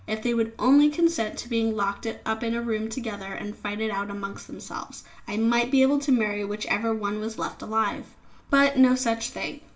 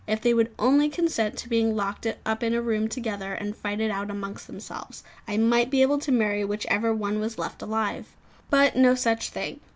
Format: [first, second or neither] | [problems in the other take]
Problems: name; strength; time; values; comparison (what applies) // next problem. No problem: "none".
second | room echo; dies away in 0.4 s